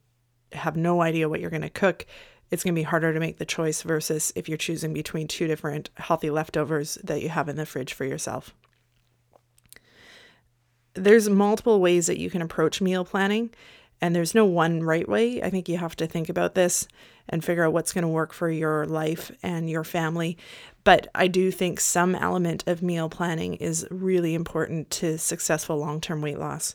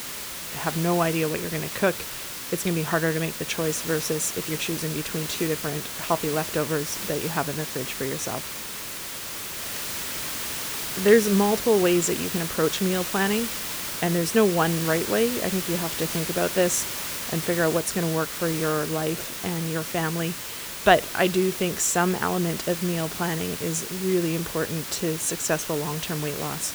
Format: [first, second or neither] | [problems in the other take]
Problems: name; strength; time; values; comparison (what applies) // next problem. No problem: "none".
first | hiss; loud; throughout; 5 dB below the speech